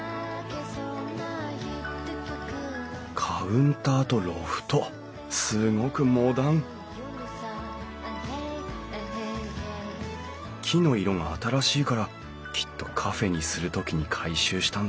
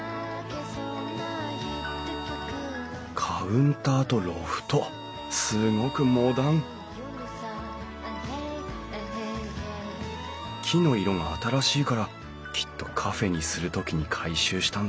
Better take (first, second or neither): first